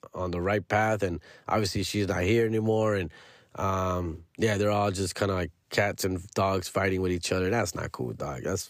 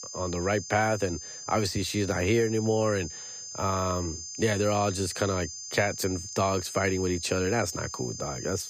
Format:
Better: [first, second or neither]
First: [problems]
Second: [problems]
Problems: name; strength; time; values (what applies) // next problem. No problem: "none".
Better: first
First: none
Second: high-pitched whine; loud; throughout; 6.5 kHz, 9 dB below the speech